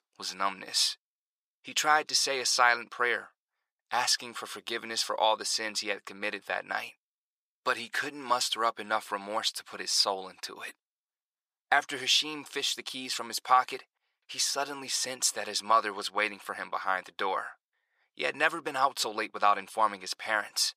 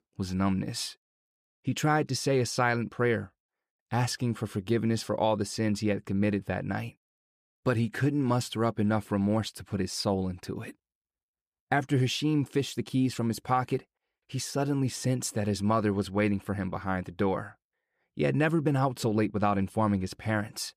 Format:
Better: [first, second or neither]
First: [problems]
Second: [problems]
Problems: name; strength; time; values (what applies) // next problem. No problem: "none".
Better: second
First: thin; very; fading below 900 Hz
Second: none